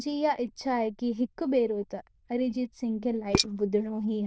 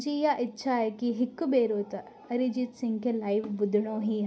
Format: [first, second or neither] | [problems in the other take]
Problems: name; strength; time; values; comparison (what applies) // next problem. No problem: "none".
second | noise reduction (neural diffusion model UNIVERSE++)